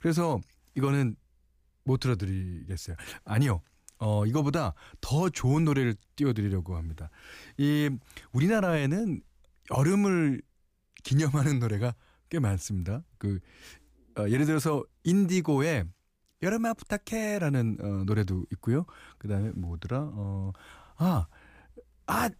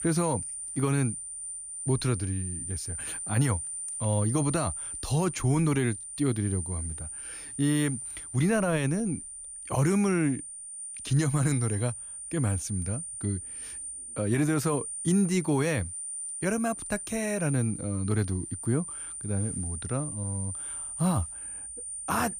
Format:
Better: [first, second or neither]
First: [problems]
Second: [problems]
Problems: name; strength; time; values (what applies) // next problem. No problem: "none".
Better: first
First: none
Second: high-pitched whine; loud; throughout; 9 kHz, 6 dB below the speech